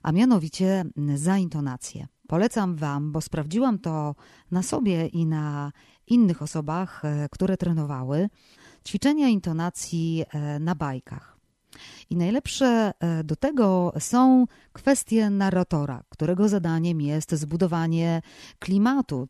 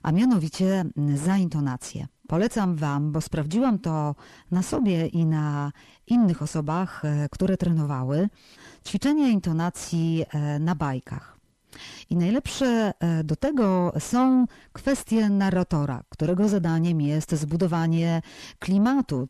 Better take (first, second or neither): first